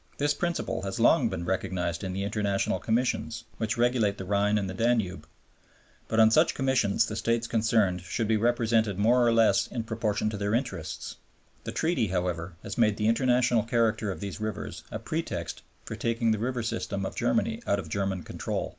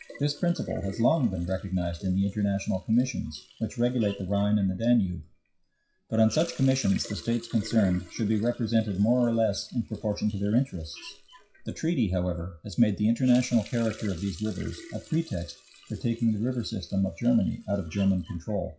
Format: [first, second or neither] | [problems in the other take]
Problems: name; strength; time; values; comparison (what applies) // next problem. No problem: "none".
first | noise reduction (classical method WPE with log-MMSE)